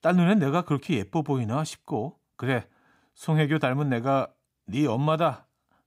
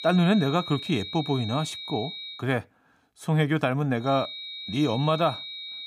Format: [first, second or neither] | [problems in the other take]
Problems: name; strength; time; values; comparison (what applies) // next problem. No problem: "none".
first | high-pitched whine; loud; until 2.5 s and from 4 s on; 4 kHz, 9 dB below the speech